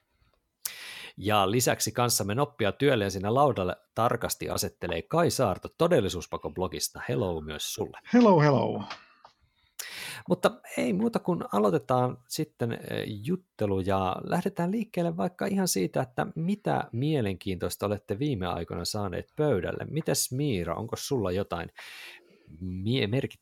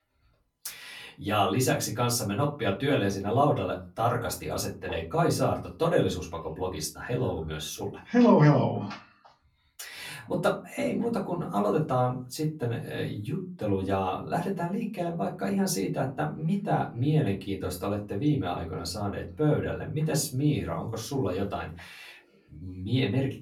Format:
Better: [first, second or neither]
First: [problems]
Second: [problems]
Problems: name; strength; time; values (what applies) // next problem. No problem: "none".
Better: first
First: none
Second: off-mic speech; far // room echo; very slight; dies away in 0.3 s